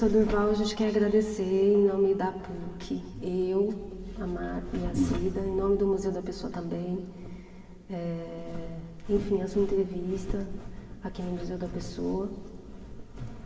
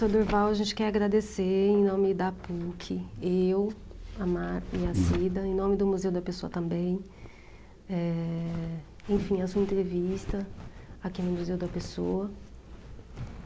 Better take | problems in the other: second | room echo; dies away in 2.3 s

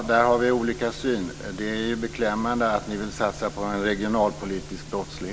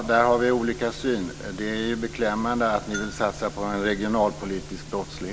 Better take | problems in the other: first | background sound (Bell); 19 dB below the speech

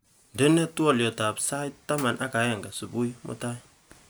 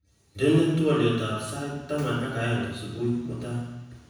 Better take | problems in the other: first | room echo; dies away in 1.1 s

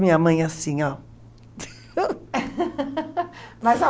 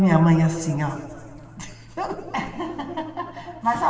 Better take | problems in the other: first | room echo; dies away in 2.5 s

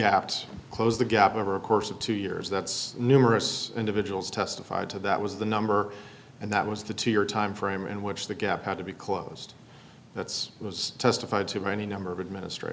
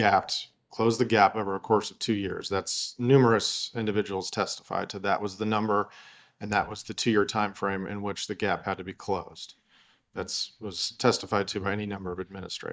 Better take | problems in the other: first | noise reduction (neural mask model DeepFilterNet 3)

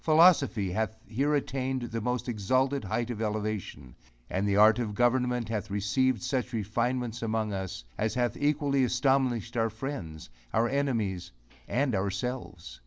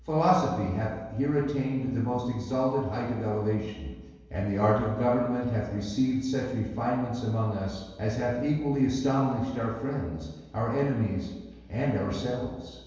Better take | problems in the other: first | room echo; dies away in 1.2 s

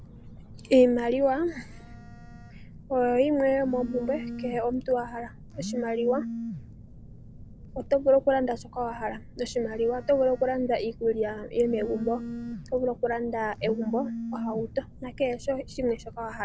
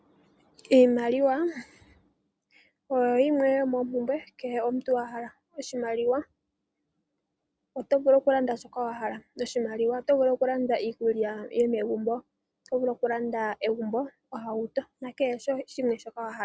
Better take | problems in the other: second | background sound (Telephone); 11 dB below the speech

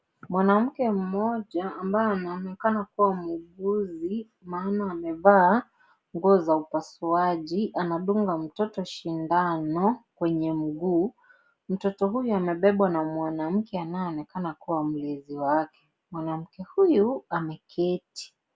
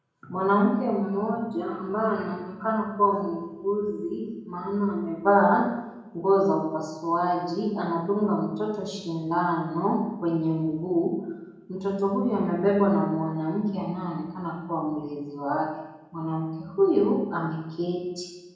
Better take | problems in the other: first | room echo; dies away in 0.8 s

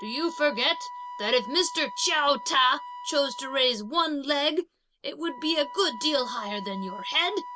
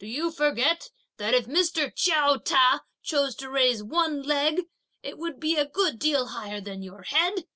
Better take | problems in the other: second | background sound (Wind instrument, woodwind instrument); 13 dB below the speech

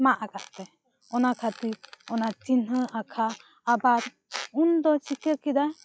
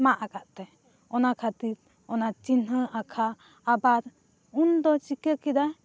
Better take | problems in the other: second | noise reduction (classical method log-MMSE)

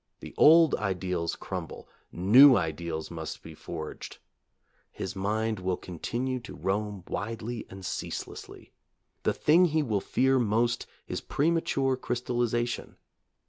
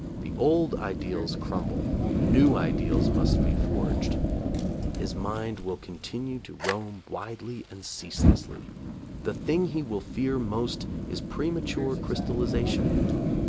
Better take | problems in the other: first | background sound (Fire); 3 dB above the speech

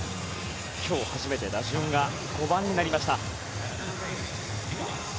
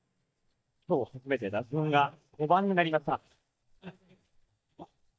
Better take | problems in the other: first | noise reduction (neural mask model DeepFilterNet 3)

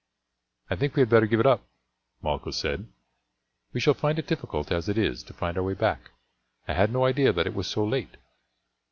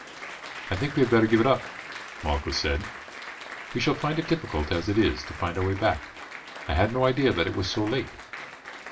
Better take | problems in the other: first | background sound (Applause); 13 dB below the speech // room echo; dies away in 0.2 s

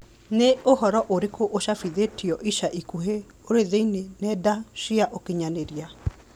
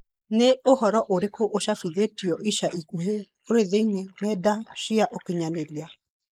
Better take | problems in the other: first | noise reduction (neural mask model Resemble Enhance denoiser)

